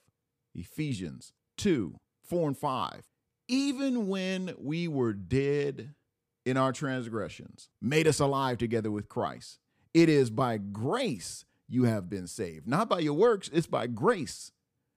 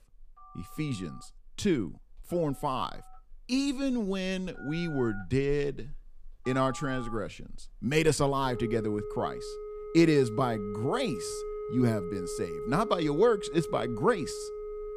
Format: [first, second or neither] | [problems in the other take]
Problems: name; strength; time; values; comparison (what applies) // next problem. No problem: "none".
first | alarms or sirens; loud; throughout; 9 dB below the speech